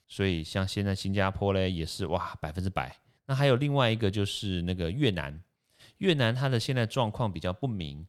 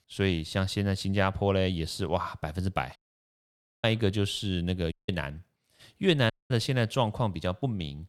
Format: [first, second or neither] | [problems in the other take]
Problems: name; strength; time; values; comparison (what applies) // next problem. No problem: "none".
first | audio cutting out; at 3 s for 1 s, at 5 s and at 6.5 s